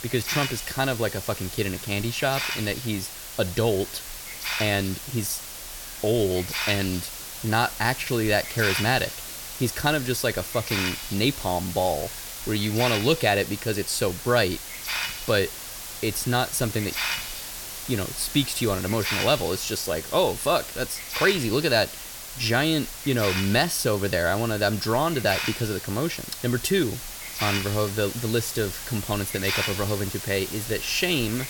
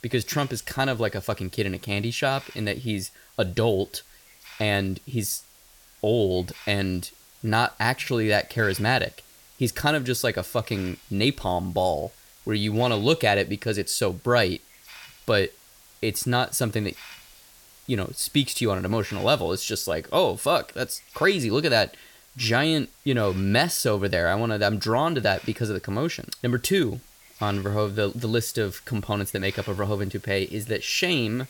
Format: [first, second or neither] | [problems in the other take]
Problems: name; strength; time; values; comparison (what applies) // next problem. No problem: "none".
second | hiss; loud; throughout; 6 dB below the speech; faint in the second